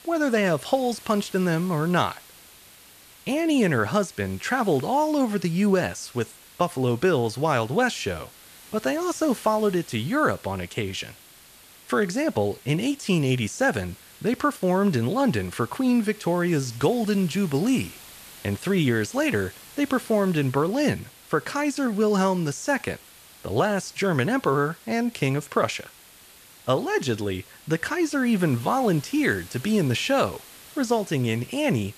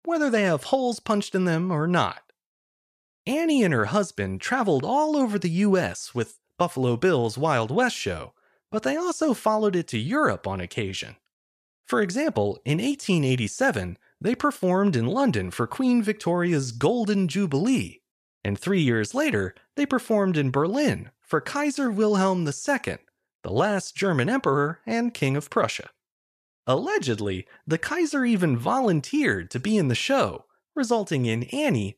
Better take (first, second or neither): second